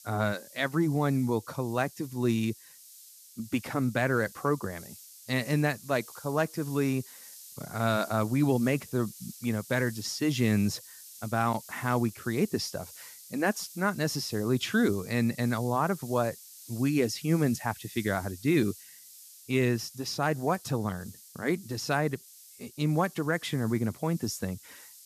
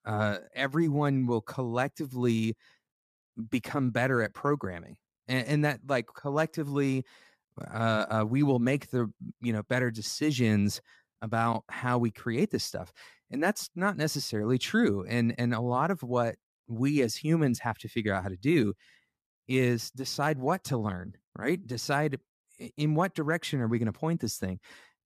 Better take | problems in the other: second | hiss; noticeable; throughout; 15 dB below the speech

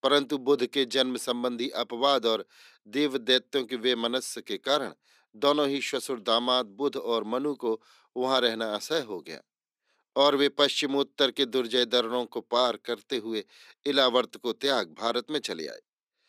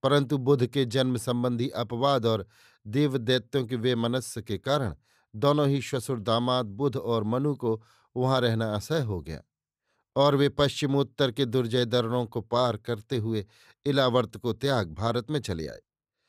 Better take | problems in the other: second | thin; very slightly; fading below 250 Hz

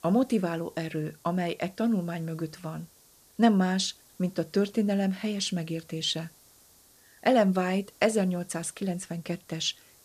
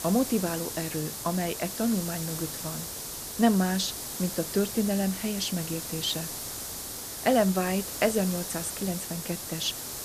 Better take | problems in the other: first | hiss; loud; throughout; 5 dB below the speech; faint in the first

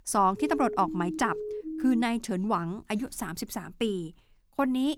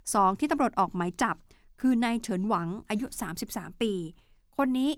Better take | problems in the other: second | siren; noticeable; until 2 s; peak 7 dB below the speech

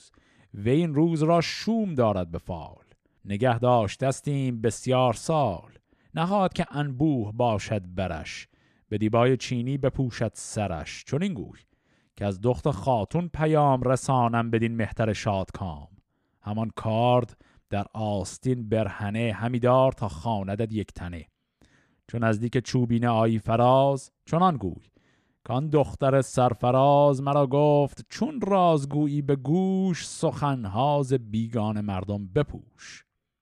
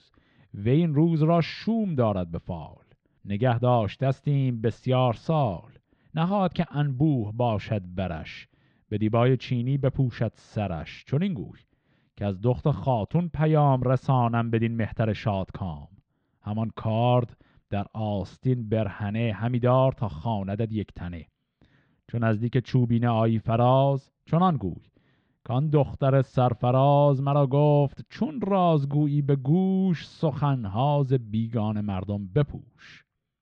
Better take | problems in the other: first | muffled; slightly; fading above 4 kHz

